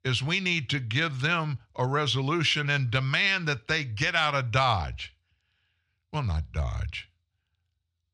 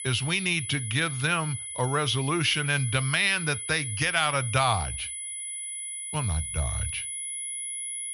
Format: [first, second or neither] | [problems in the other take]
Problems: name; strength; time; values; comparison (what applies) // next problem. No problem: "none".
first | high-pitched whine; loud; throughout; 10 kHz, 6 dB below the speech